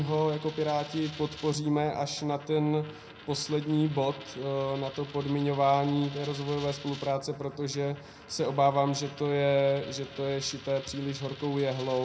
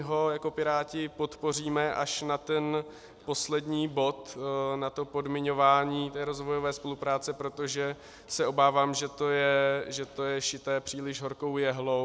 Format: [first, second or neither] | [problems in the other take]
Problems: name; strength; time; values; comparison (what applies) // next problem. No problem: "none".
second | background sound (Coin (dropping)); 18 dB below the speech // room echo; dies away in 0.4 s